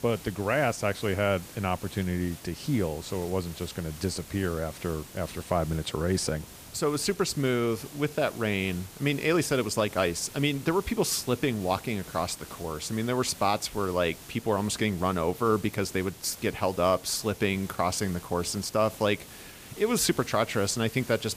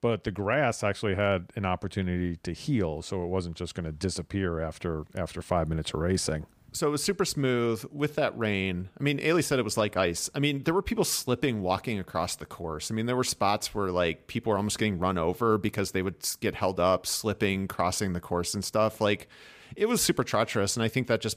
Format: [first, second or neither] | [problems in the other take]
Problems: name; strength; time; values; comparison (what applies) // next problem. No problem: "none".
second | hiss; noticeable; throughout; 15 dB below the speech